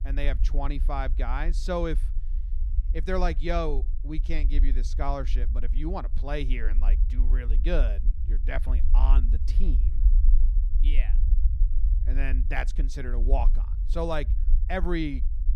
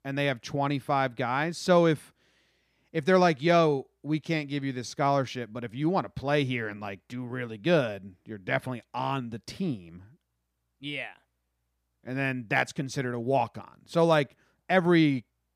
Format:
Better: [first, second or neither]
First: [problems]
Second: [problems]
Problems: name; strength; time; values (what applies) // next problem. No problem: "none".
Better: second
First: low rumble; noticeable; throughout; 15 dB below the speech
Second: none